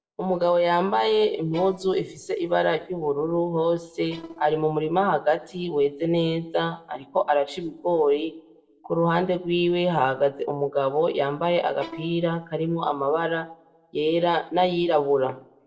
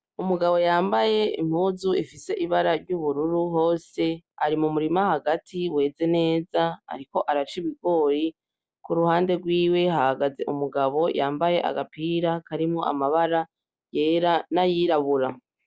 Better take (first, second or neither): second